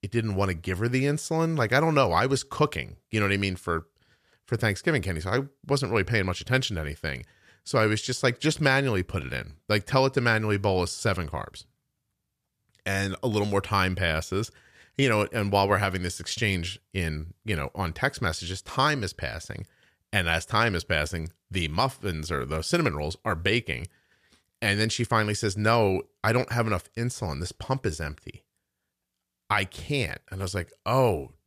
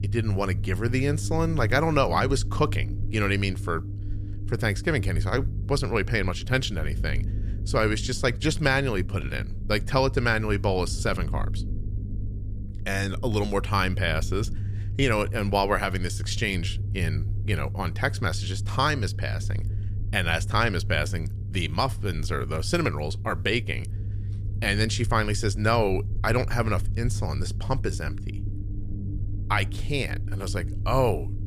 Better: first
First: none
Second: low rumble; noticeable; throughout; 20 dB below the speech

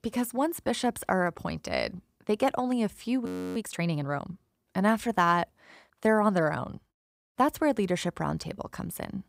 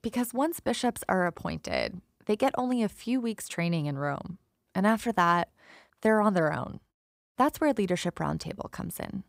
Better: second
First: audio freezing; at 3.5 s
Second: none

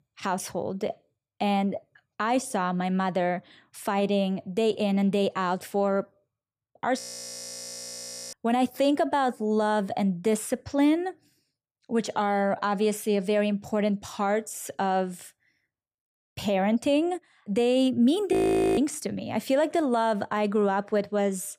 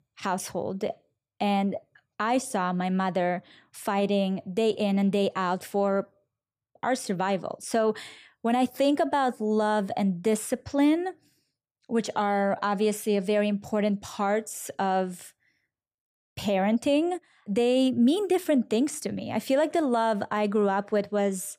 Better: second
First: audio freezing; at 7 s for 1.5 s and at 18 s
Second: none

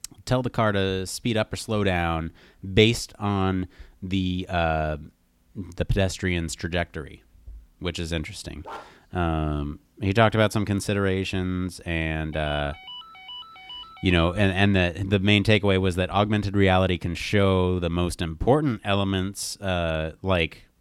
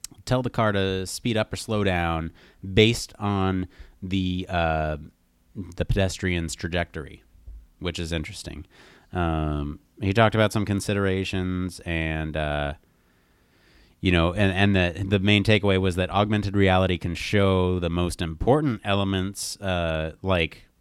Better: second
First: dog barking; faint; at 8.5 s; peak 15 dB below the speech // phone ringing; faint; from 12 to 14 s; peak 15 dB below the speech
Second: none

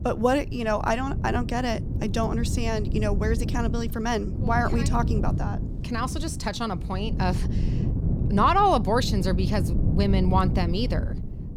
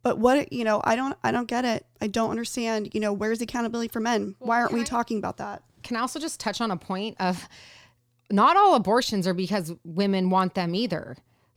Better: second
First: wind noise on the microphone; occasional gusts; 15 dB below the speech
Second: none

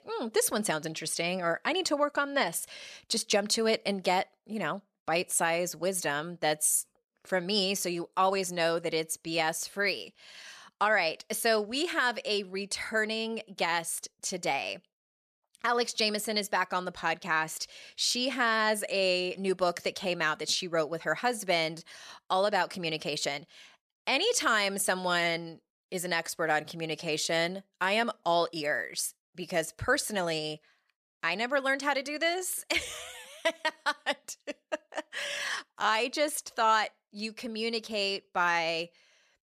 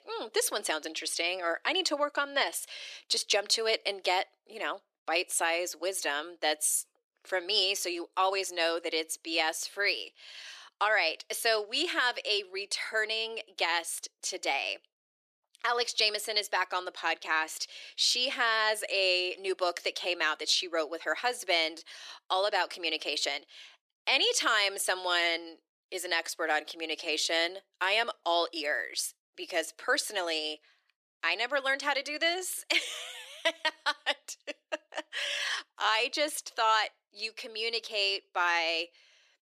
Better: first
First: none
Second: thin; somewhat; fading below 300 Hz

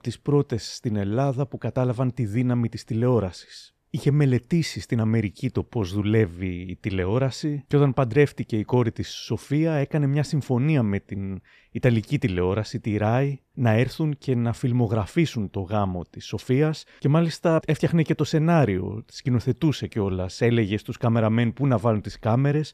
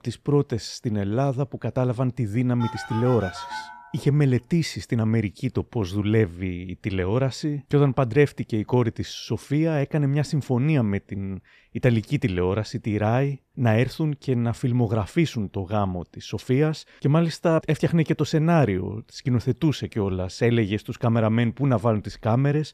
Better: first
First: none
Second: phone ringing; noticeable; from 2.5 to 4 s; peak 10 dB below the speech

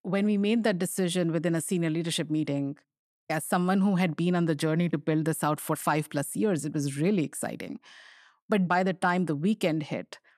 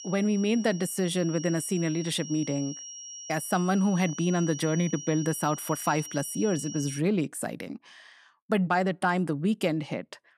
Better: first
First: none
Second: high-pitched whine; noticeable; until 7 s; 5.5 kHz, 10 dB below the speech

